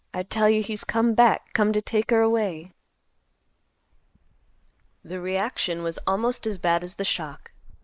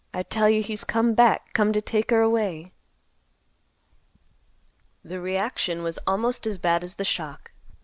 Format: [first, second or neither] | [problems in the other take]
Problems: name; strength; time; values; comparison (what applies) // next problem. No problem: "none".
second | noise reduction (neural mask model Resemble Enhance denoiser)